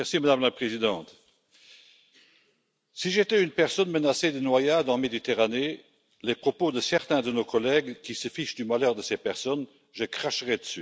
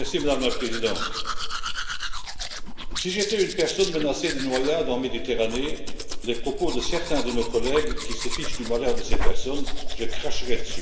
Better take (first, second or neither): first